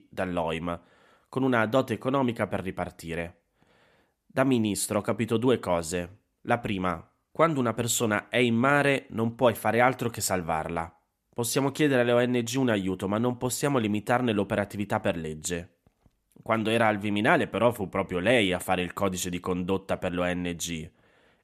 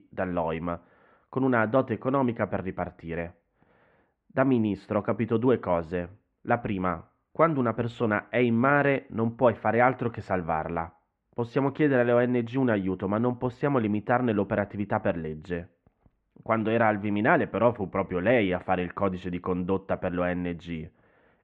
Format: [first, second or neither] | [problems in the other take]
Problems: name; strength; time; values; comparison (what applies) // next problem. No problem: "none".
first | muffled; very; fading above 2 kHz